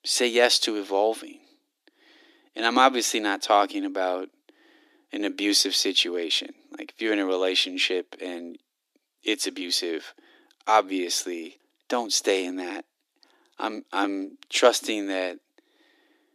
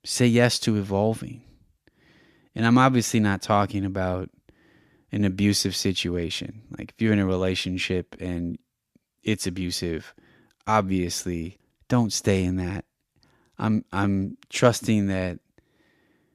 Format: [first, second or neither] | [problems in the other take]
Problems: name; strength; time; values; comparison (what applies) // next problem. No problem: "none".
second | thin; somewhat; fading below 300 Hz